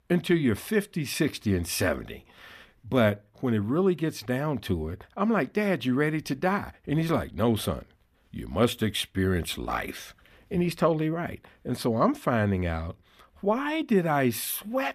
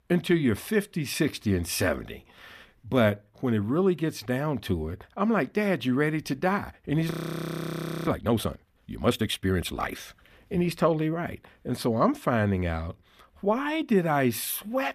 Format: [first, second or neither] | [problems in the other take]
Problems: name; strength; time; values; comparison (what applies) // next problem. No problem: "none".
first | audio freezing; at 7 s for 1 s